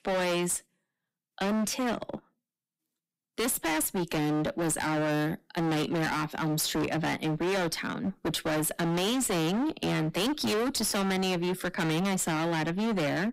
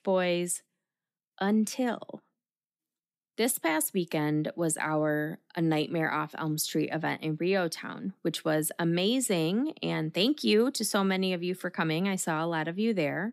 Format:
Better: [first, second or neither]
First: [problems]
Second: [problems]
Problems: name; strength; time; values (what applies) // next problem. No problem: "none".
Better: second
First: distortion; heavy; 35% of the sound clipped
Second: none